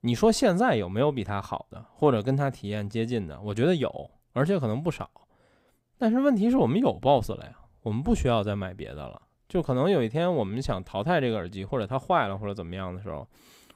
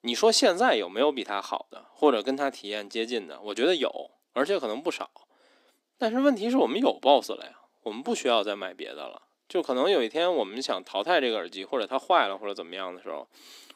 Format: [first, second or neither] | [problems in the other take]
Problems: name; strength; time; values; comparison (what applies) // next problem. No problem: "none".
first | thin; very slightly; fading below 300 Hz